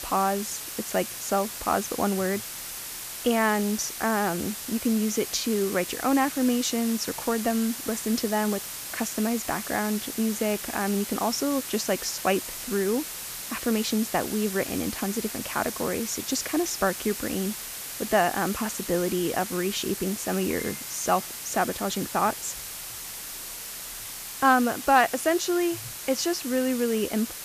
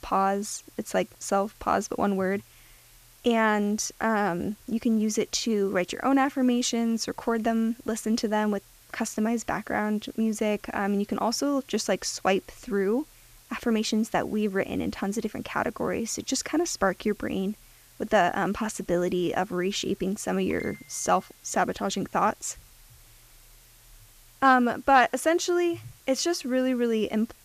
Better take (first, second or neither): second